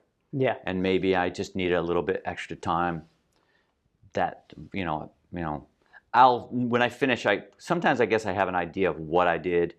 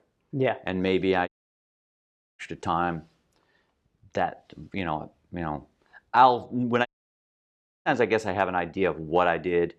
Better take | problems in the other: first | audio cutting out; at 1.5 s for 1 s and at 7 s for 1 s

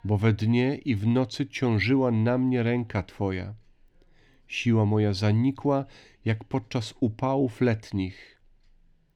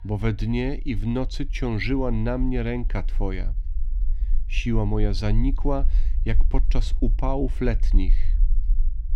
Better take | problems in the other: first | low rumble; faint; throughout; 20 dB below the speech

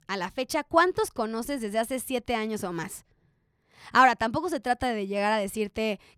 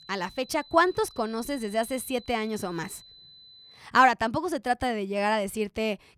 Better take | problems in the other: first | high-pitched whine; faint; until 4 s; 4 kHz, 20 dB below the speech

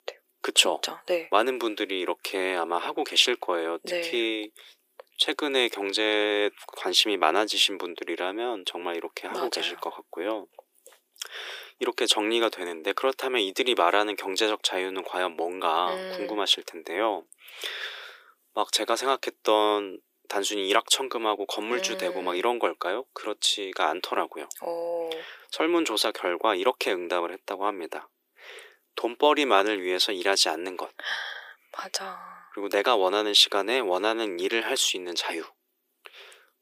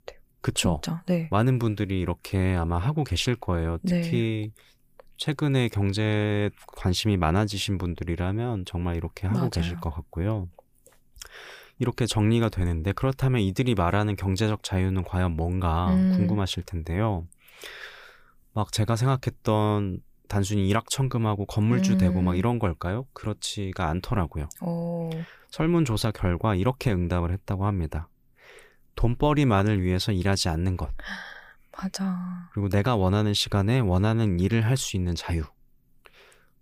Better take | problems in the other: second | thin; very; fading below 350 Hz

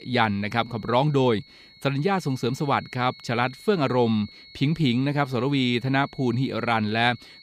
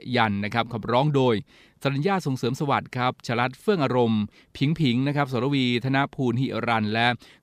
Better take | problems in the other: second | high-pitched whine; faint; throughout; 4.5 kHz, 20 dB below the speech

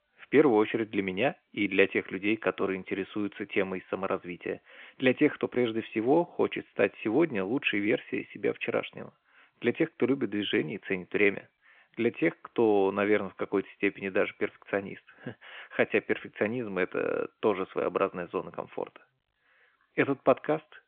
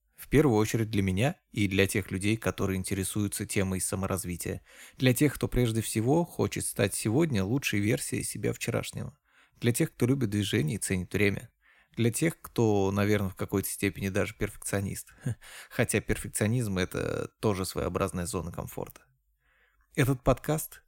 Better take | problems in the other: second | phone-call audio

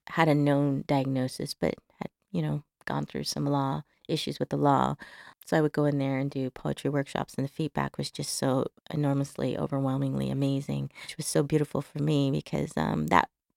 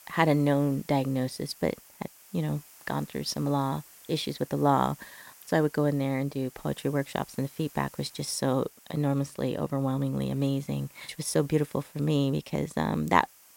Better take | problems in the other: first | hiss; faint; throughout; 20 dB below the speech

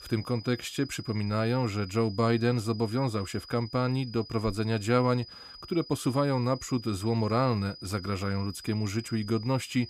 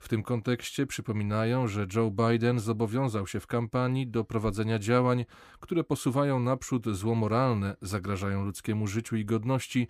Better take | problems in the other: second | high-pitched whine; noticeable; throughout; 5 kHz, 15 dB below the speech

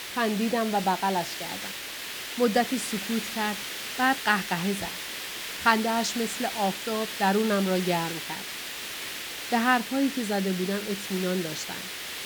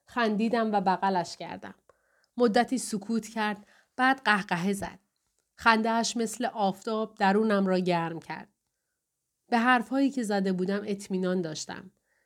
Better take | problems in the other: second | hiss; loud; throughout; 6 dB below the speech

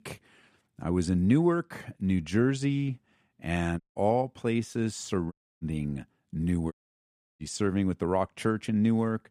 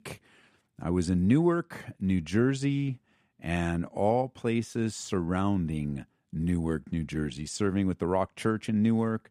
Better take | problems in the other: second | audio cutting out; at 4 s, at 5.5 s and at 6.5 s for 0.5 s

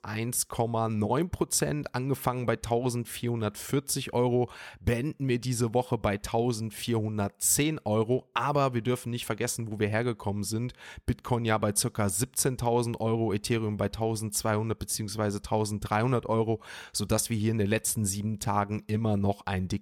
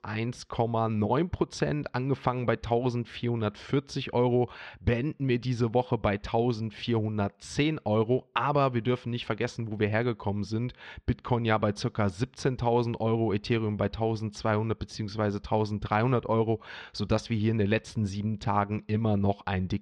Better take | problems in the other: first | muffled; slightly; fading above 4.5 kHz

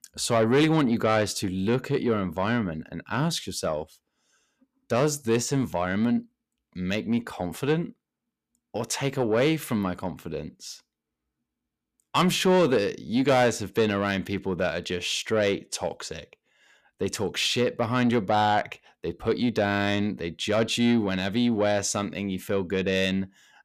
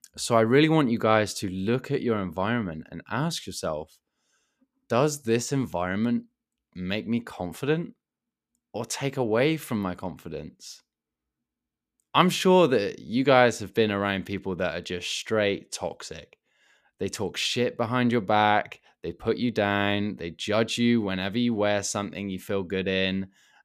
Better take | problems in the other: second | distortion; slight; 10 dB below the speech

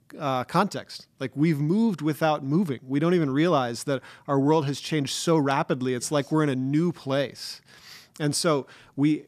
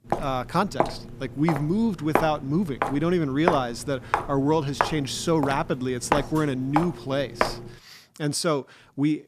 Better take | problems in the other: first | footsteps; noticeable; until 7.5 s; peak 1 dB below the speech

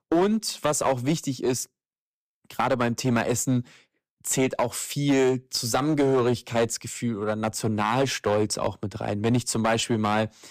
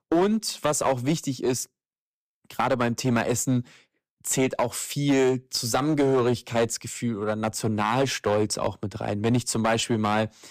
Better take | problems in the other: neither | distortion; slight; 6% of the sound clipped; the same in both

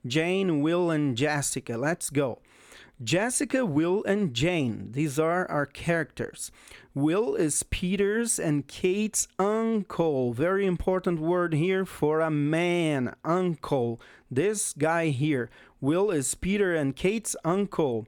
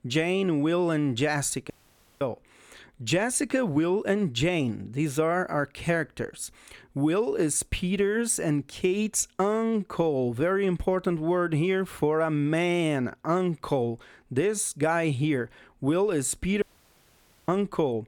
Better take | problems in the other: first | audio cutting out; at 1.5 s for 0.5 s and at 17 s for 1 s

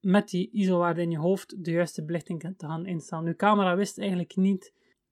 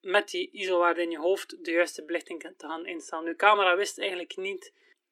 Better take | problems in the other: first | thin; very; fading below 300 Hz

